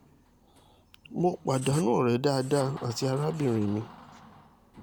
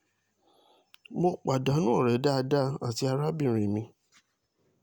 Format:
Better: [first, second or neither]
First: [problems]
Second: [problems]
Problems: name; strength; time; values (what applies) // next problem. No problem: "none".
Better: second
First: background sound (Door + Writing); 19 dB below the speech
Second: none